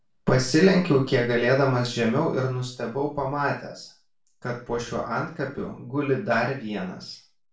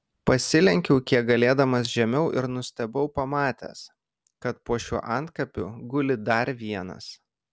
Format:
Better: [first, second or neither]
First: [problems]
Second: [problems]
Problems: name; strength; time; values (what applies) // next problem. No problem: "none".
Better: second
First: room echo; dies away in 0.3 s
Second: none